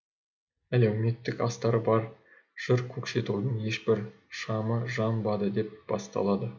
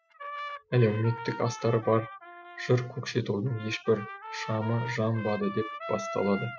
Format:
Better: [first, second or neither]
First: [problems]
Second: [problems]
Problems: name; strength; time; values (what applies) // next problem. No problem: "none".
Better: first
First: none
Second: noise reduction (classical method spectral subtraction)